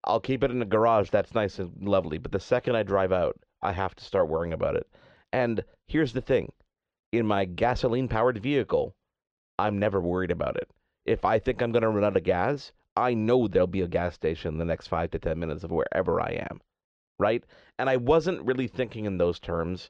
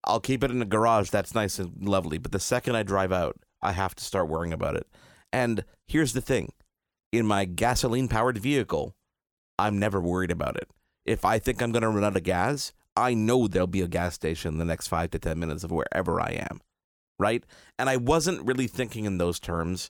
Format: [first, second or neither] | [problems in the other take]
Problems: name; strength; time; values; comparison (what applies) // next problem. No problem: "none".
second | muffled; slightly; fading above 4 kHz